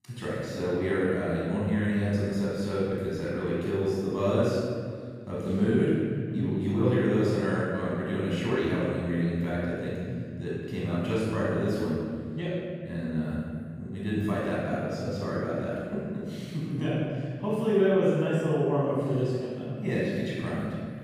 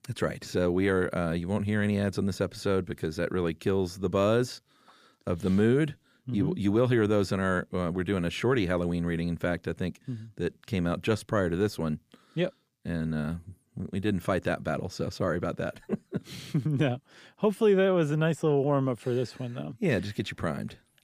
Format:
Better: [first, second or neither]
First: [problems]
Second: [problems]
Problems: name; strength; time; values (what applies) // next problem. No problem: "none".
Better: second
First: off-mic speech; far // room echo; strong; dies away in 1.9 s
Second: none